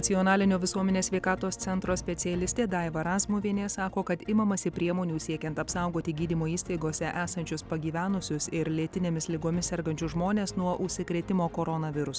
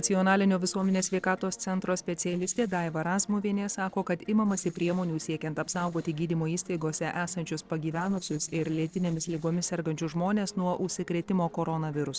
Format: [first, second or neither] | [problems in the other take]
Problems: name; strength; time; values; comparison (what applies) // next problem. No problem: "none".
first | noise reduction (neural separator model SepFormer DNS4)